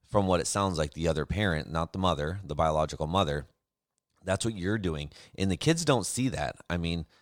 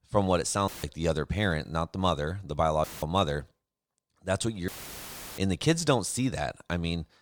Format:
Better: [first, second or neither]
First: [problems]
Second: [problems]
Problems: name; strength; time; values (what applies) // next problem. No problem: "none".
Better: first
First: none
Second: audio cutting out; filled with static; at 0.5 s, at 3 s and at 4.5 s for 0.5 s